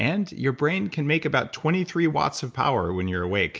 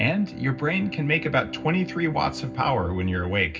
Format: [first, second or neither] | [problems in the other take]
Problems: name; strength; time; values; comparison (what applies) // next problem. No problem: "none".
first | background sound (Bowed string instrument); 13 dB below the speech // room echo; dies away in 0.4 s